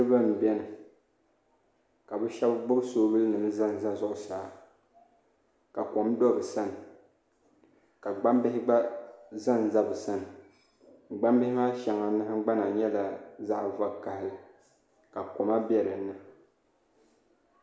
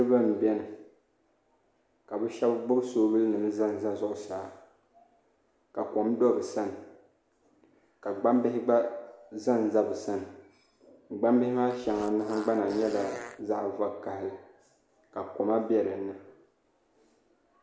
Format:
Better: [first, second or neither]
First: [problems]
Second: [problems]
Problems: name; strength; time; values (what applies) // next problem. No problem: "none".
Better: first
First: none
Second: background sound (Fart); 14 dB below the speech